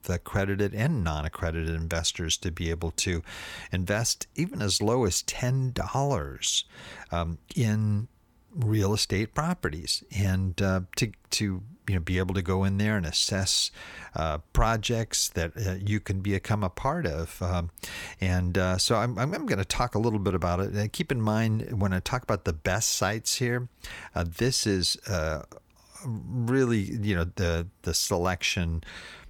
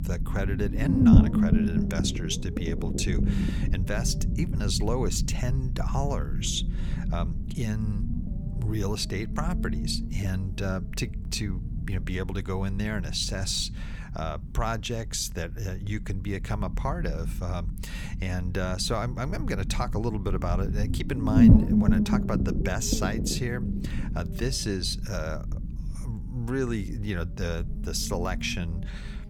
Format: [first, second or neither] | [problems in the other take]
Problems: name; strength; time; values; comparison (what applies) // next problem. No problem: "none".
first | low rumble; loud; throughout; 2 dB below the speech